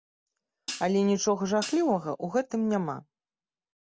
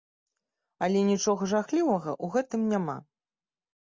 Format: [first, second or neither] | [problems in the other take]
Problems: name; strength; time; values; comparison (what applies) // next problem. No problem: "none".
second | background sound (Hi-hat); 14 dB below the speech